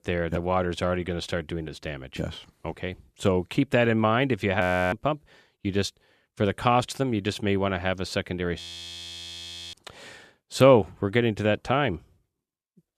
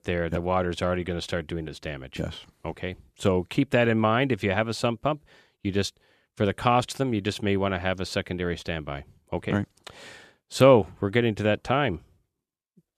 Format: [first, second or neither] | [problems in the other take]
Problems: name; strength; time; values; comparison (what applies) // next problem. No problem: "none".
second | audio freezing; at 4.5 s and at 8.5 s for 1 s